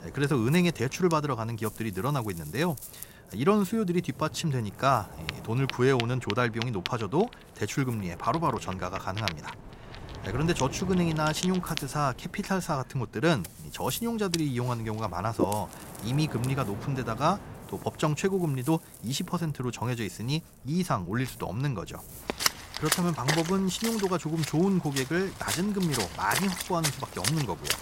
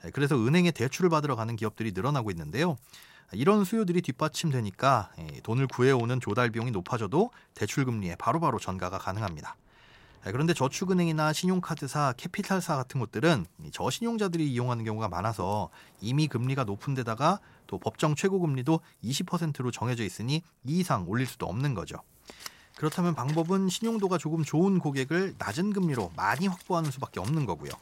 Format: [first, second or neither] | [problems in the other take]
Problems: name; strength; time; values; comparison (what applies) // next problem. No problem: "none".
second | rain or running water; loud; throughout; 7 dB below the speech; faint in the second